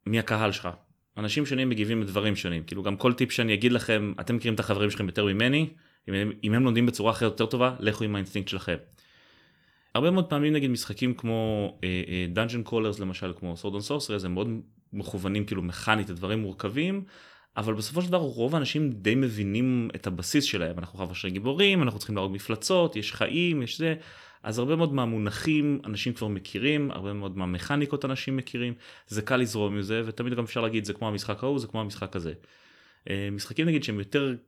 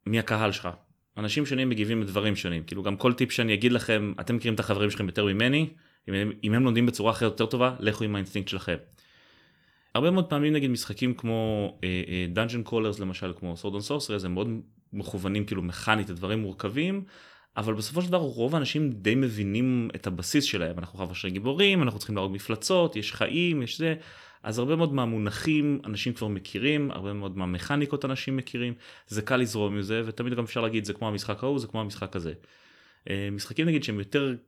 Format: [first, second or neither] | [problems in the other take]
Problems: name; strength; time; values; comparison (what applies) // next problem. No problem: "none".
neither | none